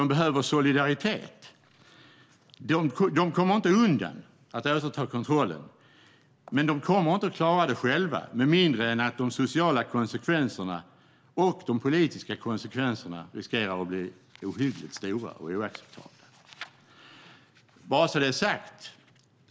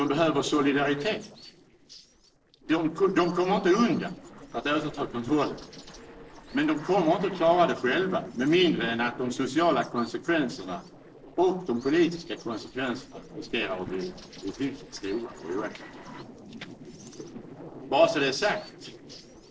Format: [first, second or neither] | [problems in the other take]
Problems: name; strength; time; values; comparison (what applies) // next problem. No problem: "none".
first | noise reduction (neural separator model SepFormer DNS4)